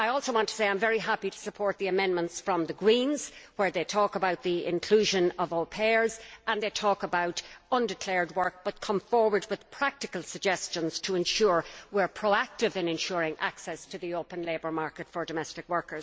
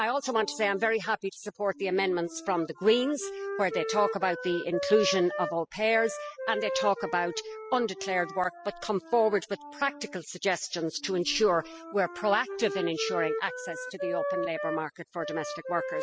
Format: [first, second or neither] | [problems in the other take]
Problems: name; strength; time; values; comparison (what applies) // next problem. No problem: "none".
first | noise reduction (classical method spectral subtraction)